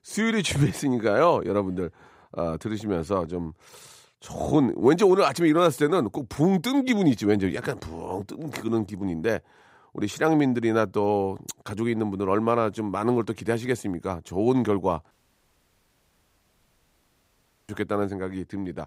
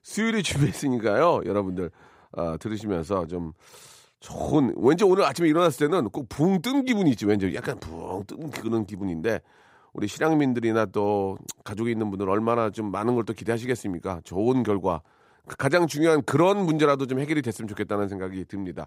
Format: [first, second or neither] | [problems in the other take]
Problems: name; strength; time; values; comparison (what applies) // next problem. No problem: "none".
second | audio cutting out; at 15 s for 2.5 s